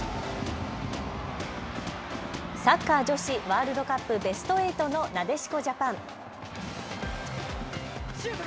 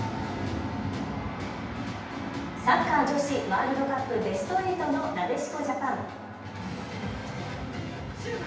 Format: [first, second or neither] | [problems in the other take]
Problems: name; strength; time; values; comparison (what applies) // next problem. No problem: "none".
first | background sound (Bowed string instrument); 20 dB below the speech // room echo; dies away in 0.9 s